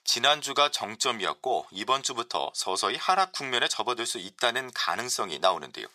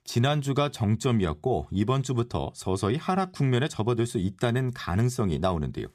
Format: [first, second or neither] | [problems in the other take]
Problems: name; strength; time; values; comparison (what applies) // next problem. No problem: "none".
second | thin; very; fading below 800 Hz